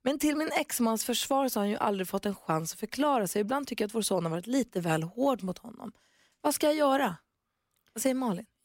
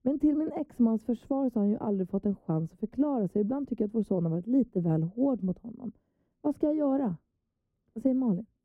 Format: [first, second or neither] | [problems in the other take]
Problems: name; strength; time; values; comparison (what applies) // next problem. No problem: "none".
first | muffled; very; fading above 1 kHz